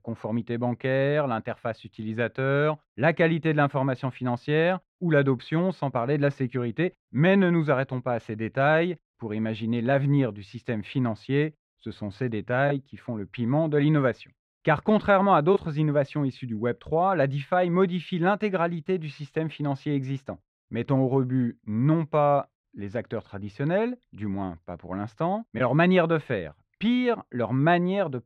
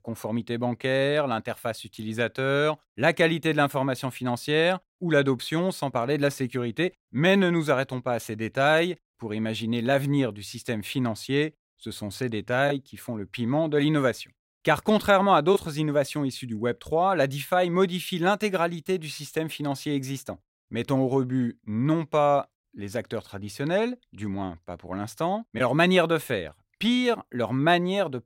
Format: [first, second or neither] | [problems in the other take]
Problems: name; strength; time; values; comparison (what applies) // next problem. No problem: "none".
second | muffled; slightly; fading above 2.5 kHz